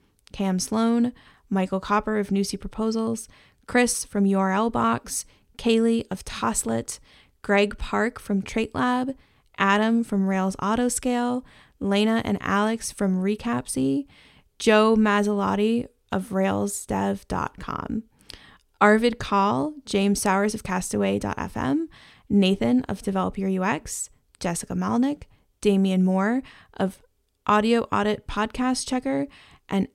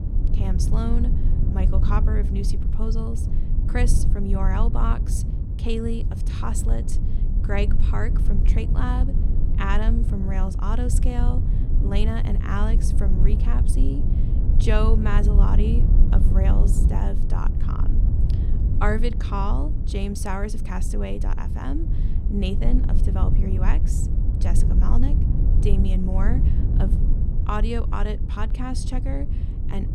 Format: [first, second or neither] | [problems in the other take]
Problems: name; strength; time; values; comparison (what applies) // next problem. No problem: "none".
first | low rumble; loud; throughout; 6 dB below the speech